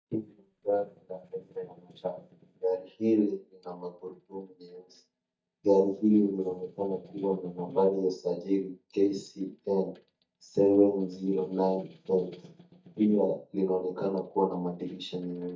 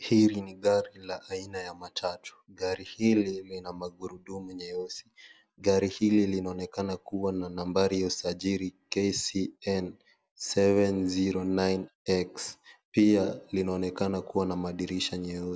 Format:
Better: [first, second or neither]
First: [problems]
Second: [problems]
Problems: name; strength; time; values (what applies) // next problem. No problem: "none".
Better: second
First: noise reduction (neural mask model DeepFilterNet 3)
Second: none